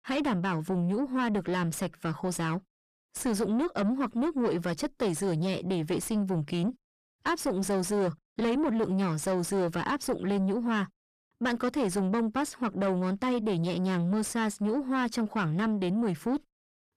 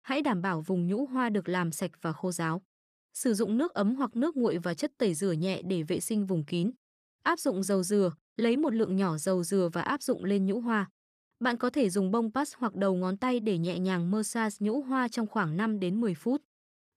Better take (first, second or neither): second